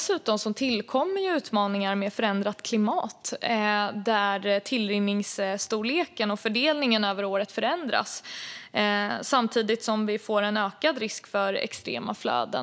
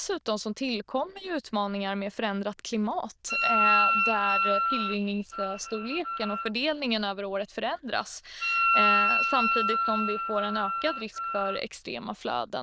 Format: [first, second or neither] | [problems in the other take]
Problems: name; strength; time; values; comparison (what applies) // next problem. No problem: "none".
first | noise reduction (neural diffusion model UNIVERSE++)